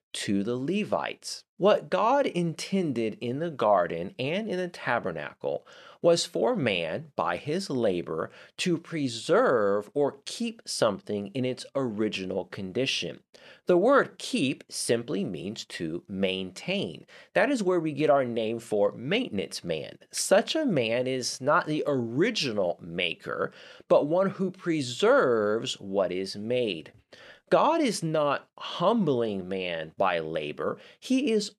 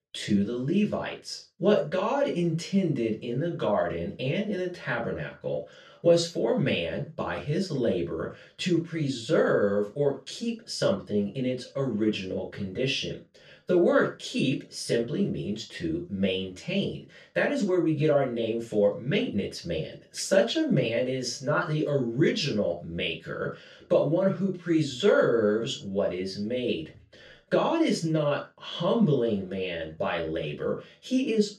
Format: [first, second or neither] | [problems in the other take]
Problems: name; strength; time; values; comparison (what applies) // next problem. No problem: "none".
first | room echo; slight; dies away in 0.2 s // off-mic speech; far